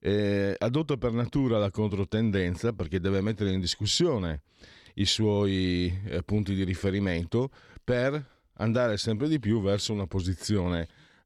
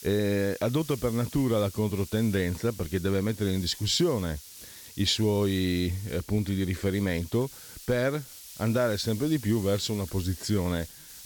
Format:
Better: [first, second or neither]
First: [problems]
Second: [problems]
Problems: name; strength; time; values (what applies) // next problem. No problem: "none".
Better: first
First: none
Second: hiss; noticeable; throughout; 15 dB below the speech